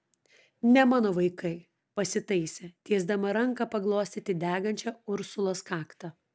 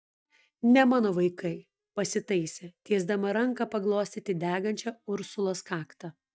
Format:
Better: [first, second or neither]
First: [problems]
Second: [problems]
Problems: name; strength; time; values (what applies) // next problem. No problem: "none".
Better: first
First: none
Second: noise reduction (neural mask model DeepFilterNet 3)